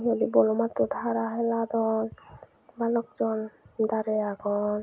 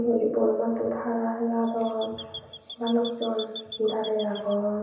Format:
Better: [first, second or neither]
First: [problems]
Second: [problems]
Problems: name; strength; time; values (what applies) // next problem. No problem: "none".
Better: first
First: none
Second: background sound (Chirp, tweet); 14 dB below the speech // room echo; dies away in 0.9 s